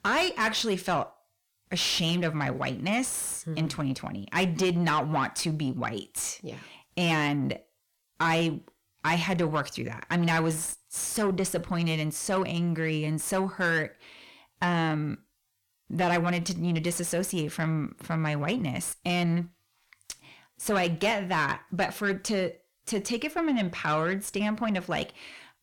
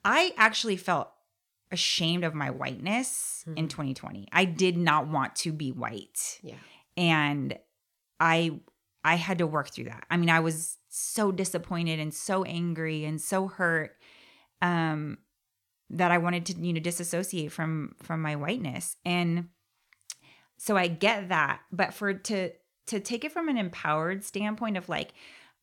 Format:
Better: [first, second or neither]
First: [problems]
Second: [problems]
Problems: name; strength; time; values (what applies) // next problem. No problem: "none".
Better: second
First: distortion; heavy; 7 dB below the speech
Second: none